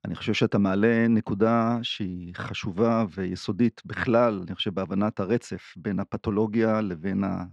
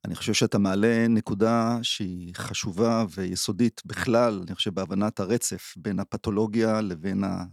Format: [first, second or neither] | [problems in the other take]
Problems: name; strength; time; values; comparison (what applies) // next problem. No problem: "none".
second | muffled; slightly; fading above 2.5 kHz